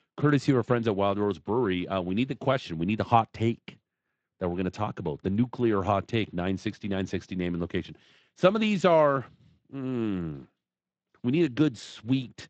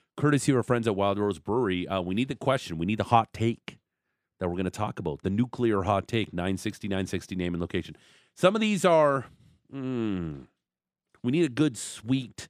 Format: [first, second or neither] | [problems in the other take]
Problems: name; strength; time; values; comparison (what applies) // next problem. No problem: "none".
second | garbled, watery; slightly; nothing above 8 kHz